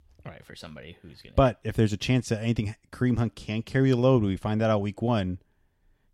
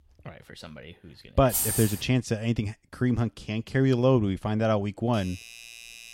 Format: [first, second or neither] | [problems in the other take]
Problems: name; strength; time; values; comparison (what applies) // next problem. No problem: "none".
first | jangling keys; loud; at 1.5 s; peak 1 dB above the speech // doorbell; faint; from 5 s on; peak 15 dB below the speech